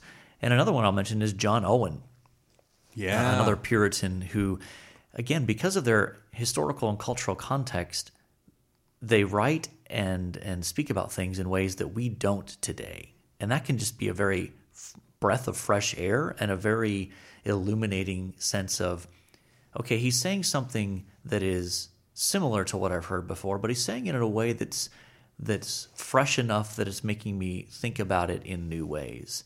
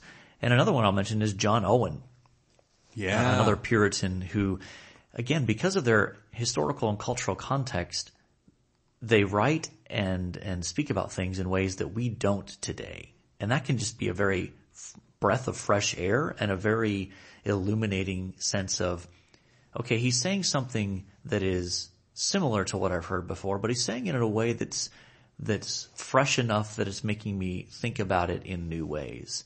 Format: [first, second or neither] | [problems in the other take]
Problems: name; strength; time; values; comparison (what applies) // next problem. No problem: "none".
first | garbled, watery; slightly; nothing above 8 kHz